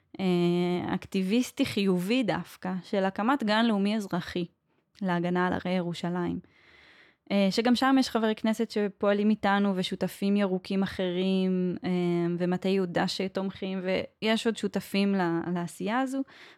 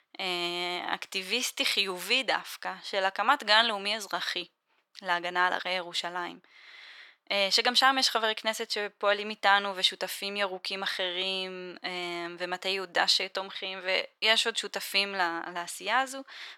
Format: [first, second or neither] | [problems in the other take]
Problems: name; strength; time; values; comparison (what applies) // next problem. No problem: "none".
first | thin; very; fading below 850 Hz